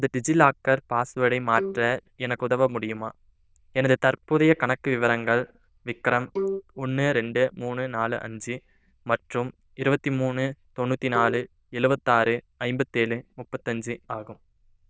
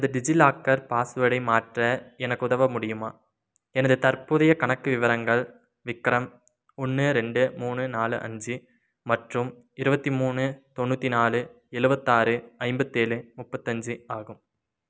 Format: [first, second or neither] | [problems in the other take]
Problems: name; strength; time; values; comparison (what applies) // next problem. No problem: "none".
second | noise reduction (neural diffusion model UNIVERSE++)